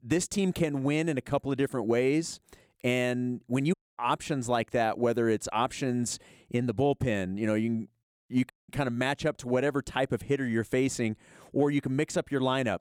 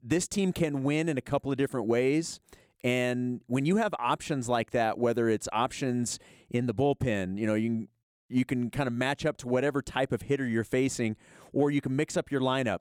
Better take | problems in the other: second | audio cutting out; at 3.5 s and at 8.5 s

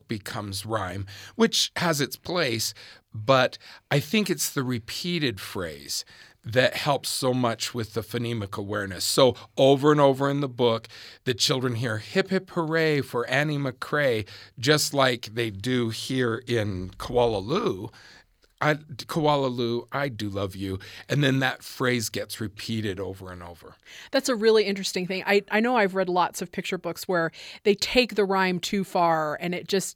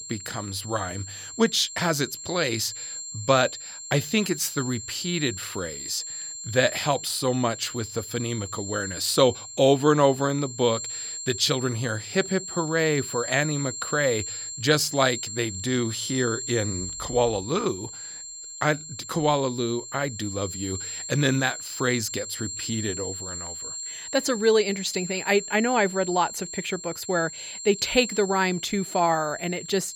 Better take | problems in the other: first | high-pitched whine; loud; throughout; 7.5 kHz, 8 dB below the speech

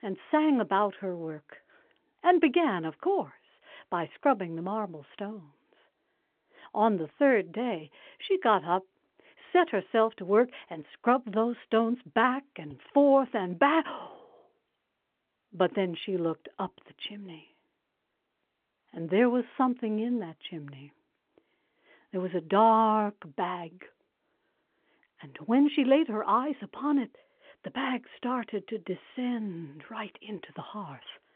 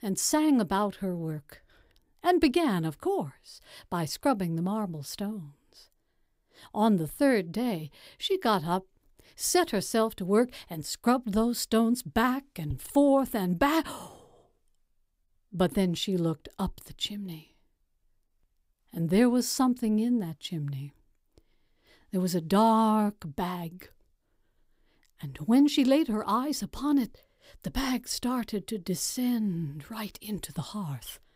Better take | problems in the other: second | phone-call audio

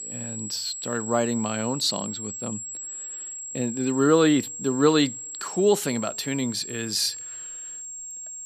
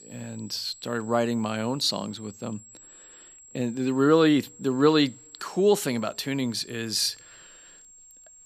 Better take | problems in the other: second | high-pitched whine; loud; throughout; 7.5 kHz, 9 dB below the speech; faint in the second

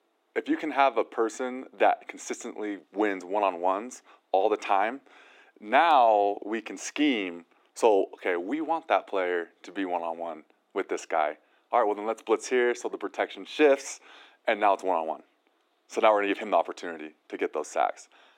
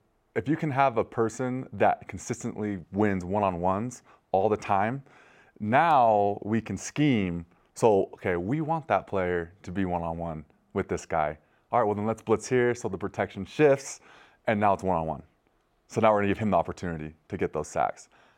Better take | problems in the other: second | thin; very slightly; fading below 300 Hz

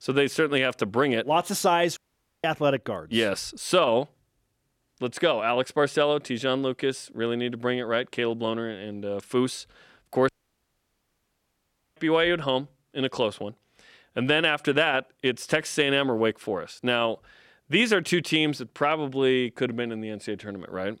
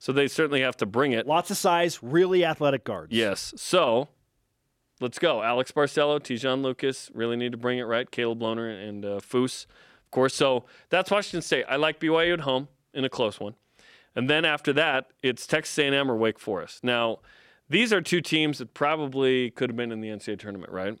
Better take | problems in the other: second | audio cutting out; at 2 s and at 10 s for 1.5 s

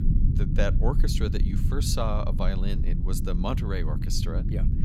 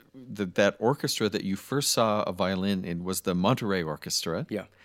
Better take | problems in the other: second | low rumble; loud; throughout; 7 dB below the speech

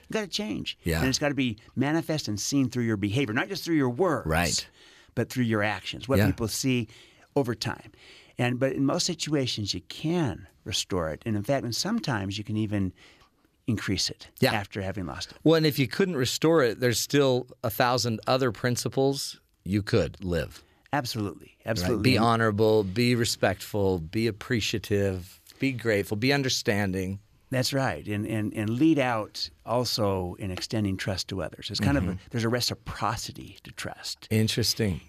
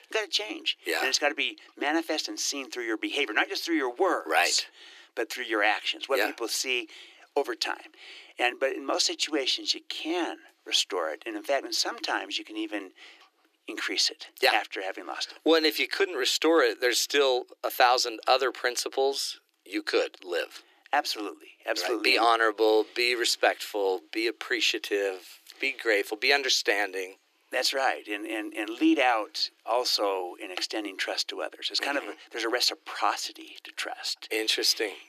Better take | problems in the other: first | thin; very; fading below 300 Hz

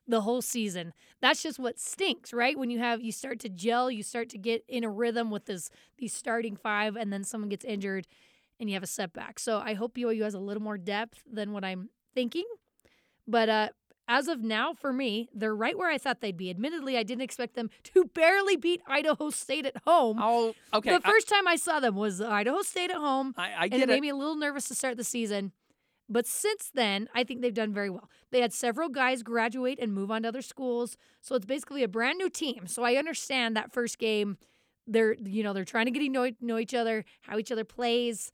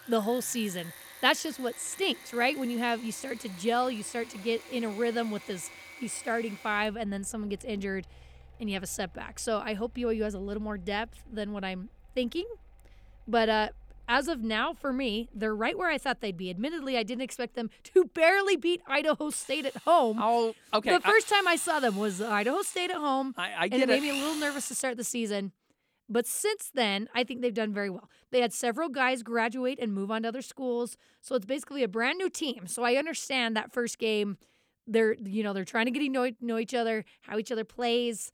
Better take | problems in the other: first | machinery noise; noticeable; until 25 s; 15 dB below the speech

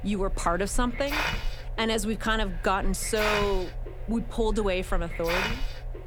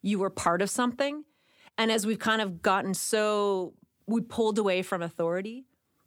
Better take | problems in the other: second | hiss; loud; throughout; 5 dB below the speech

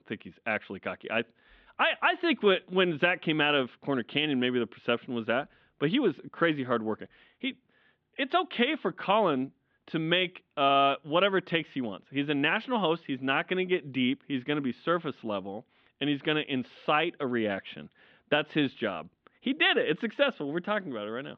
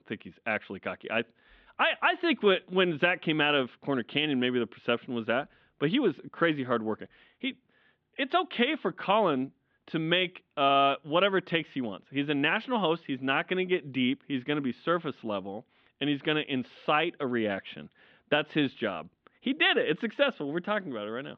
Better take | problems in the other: neither | muffled; very slightly; fading above 3.5 kHz; the same in both

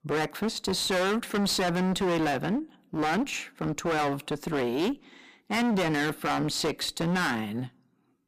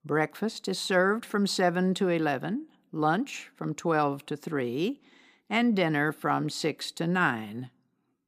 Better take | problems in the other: second | distortion; heavy; 24% of the sound clipped

